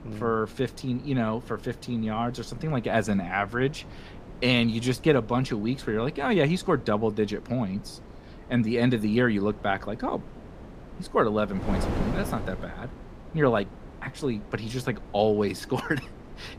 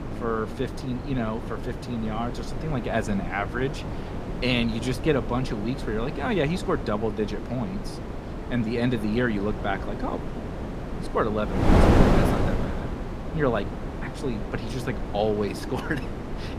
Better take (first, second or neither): first